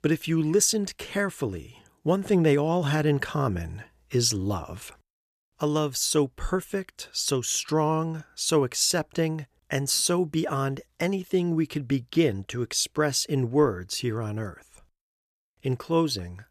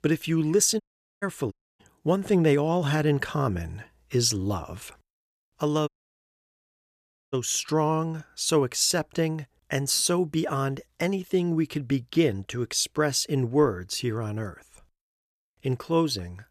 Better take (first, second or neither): first